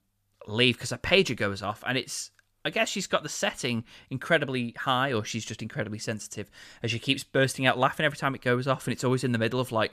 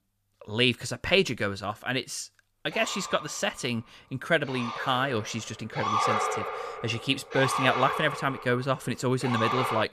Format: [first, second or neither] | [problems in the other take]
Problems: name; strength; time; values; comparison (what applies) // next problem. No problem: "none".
first | siren; loud; from 2.5 s on; peak 3 dB above the speech